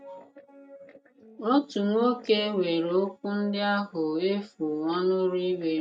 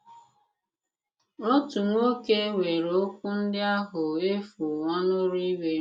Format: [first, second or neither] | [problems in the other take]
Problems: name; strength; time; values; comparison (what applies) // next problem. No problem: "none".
second | noise reduction (neural mask model RNNoise)